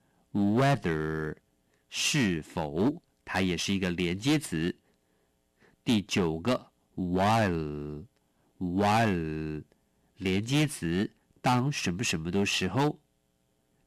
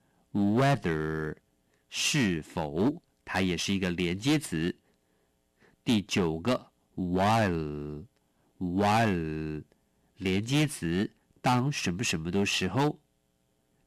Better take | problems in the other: neither | distortion; heavy; 6% of the sound clipped; the same in both

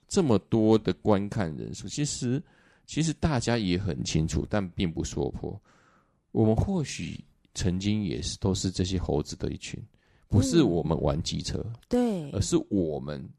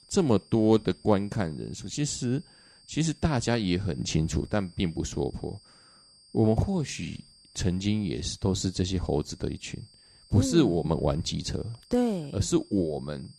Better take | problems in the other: first | high-pitched whine; faint; throughout; 4.5 kHz, 25 dB below the speech

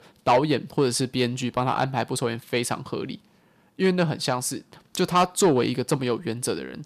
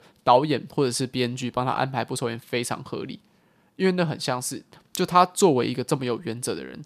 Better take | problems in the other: second | distortion; slight; 10 dB below the speech

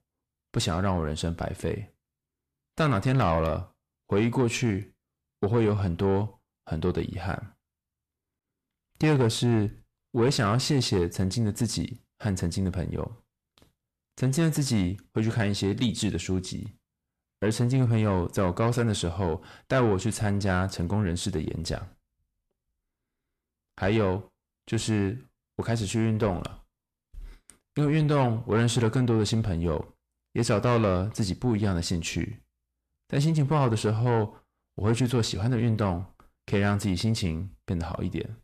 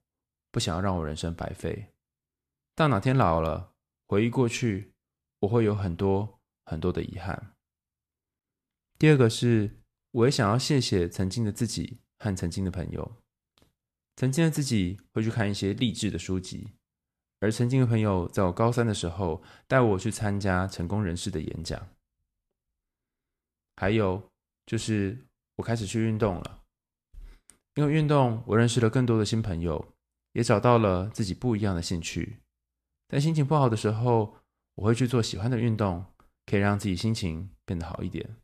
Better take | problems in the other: second | distortion; slight; 10 dB below the speech

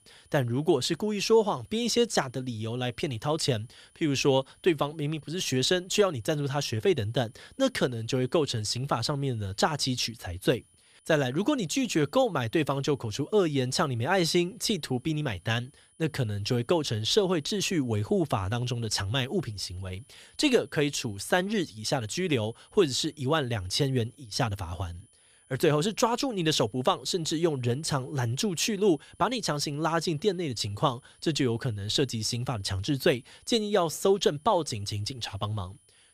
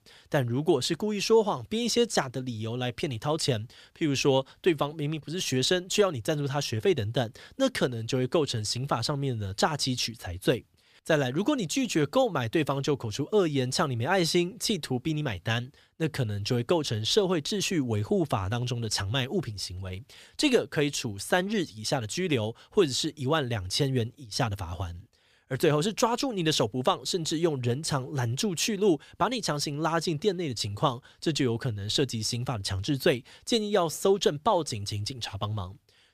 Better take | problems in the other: second | high-pitched whine; faint; throughout; 10 kHz, 30 dB below the speech

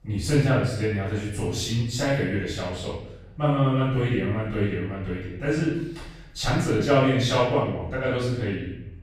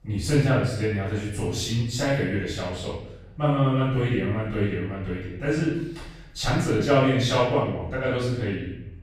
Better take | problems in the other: neither | off-mic speech; far; the same in both // room echo; strong; dies away in 0.8 s; the same in both

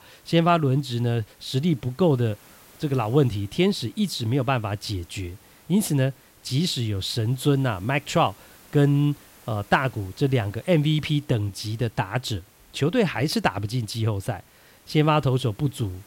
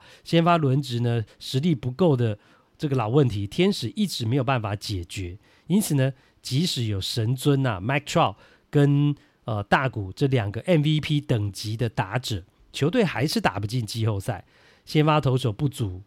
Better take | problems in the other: second | hiss; faint; throughout; 25 dB below the speech

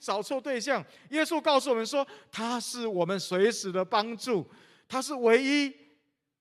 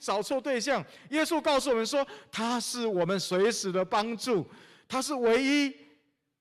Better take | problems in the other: first | distortion; slight; 10 dB below the speech

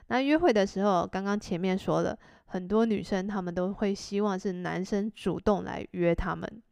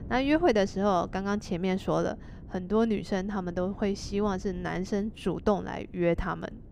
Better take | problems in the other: first | wind noise on the microphone; occasional gusts; 25 dB below the speech

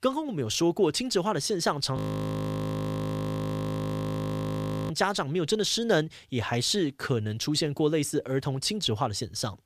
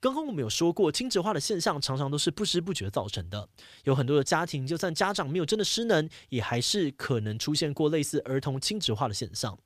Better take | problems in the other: second | audio freezing; at 2 s for 3 s

